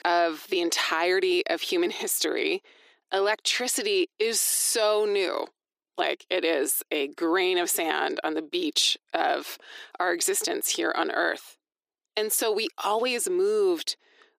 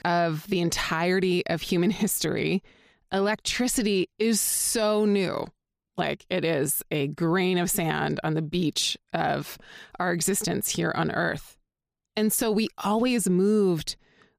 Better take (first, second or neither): second